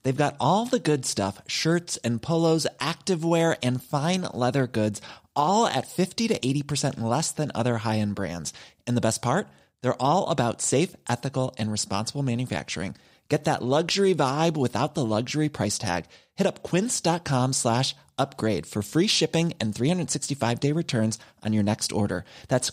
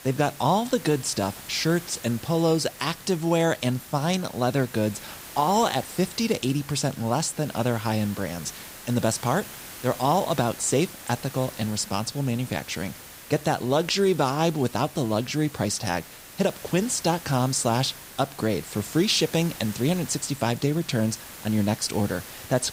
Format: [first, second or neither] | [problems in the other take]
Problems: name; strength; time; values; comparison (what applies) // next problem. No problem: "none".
first | hiss; noticeable; throughout; 15 dB below the speech